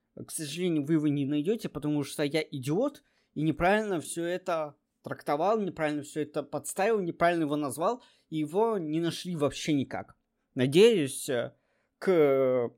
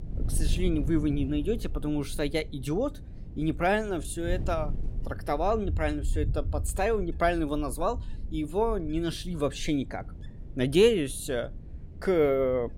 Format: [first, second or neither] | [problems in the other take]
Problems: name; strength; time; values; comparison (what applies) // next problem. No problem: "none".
first | wind noise on the microphone; occasional gusts; 20 dB below the speech